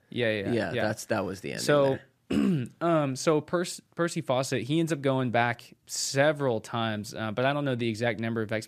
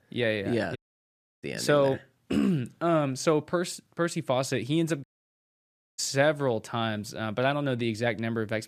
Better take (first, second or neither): first